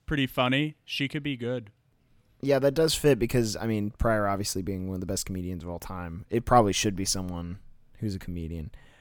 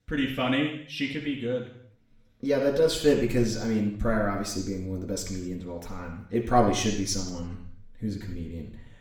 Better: first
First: none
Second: room echo; noticeable; dies away in 0.7 s // off-mic speech; far

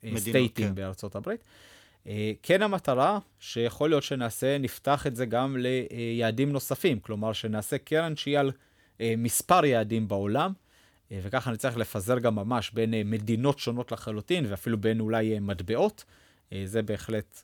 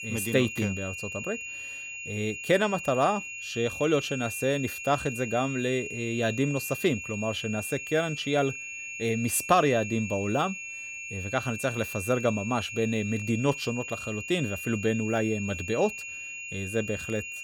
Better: first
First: none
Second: high-pitched whine; loud; throughout; 2.5 kHz, 7 dB below the speech

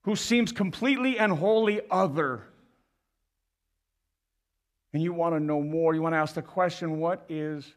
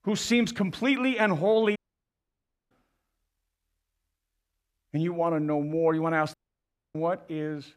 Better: first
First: none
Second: audio cutting out; at 2 s for 1 s and at 6.5 s for 0.5 s

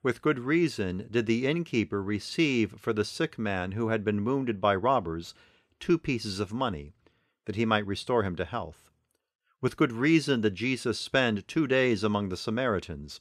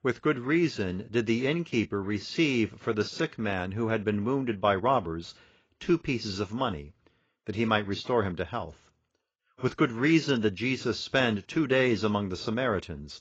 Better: first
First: none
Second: garbled, watery; badly; nothing above 7.5 kHz

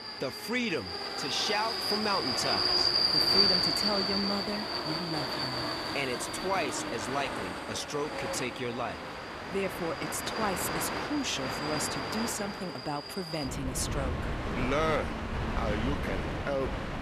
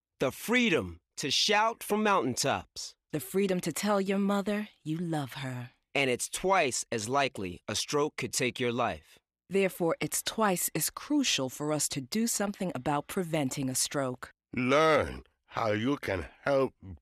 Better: second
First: train or aircraft noise; very loud; throughout; 3 dB above the speech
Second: none

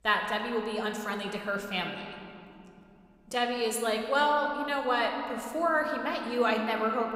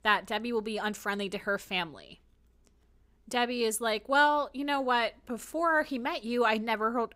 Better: second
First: room echo; slight; dies away in 2.2 s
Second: none

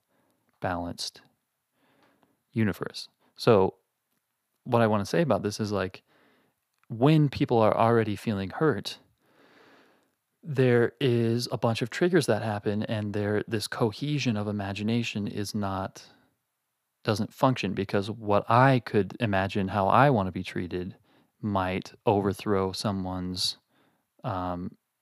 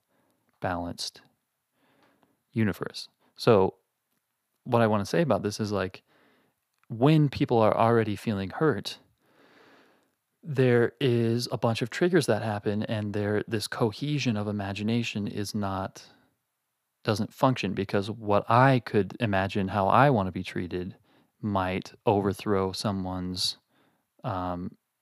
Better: neither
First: none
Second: none

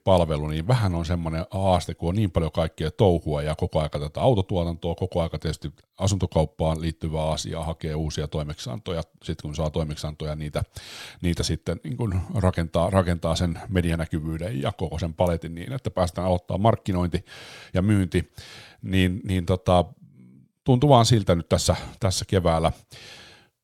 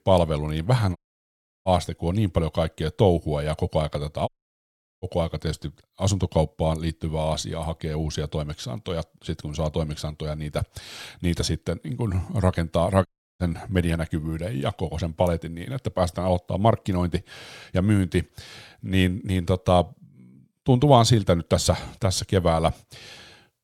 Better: first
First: none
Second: audio cutting out; at 1 s for 0.5 s, at 4.5 s for 0.5 s and at 13 s

